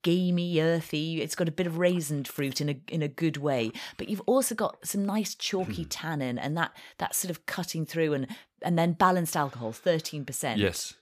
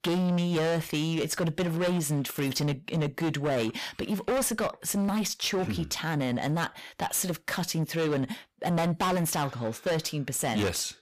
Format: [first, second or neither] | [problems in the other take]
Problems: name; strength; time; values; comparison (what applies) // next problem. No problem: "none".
first | distortion; heavy; 22% of the sound clipped